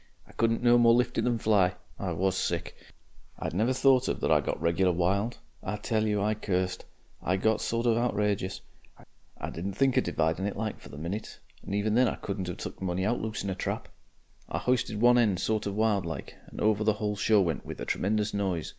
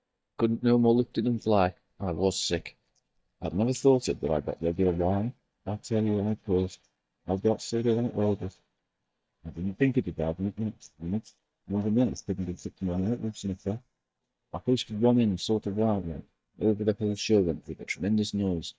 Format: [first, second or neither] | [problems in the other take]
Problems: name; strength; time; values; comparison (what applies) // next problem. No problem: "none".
first | noise reduction (neural mask model DeepFilterNet 3)